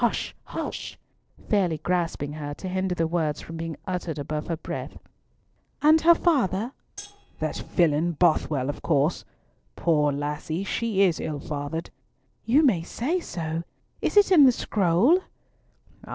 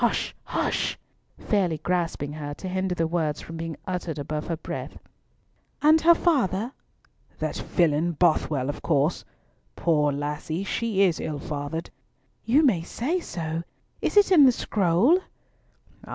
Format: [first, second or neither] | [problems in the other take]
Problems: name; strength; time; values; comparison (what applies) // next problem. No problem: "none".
second | noise reduction (neural separator model SepFormer DNS4)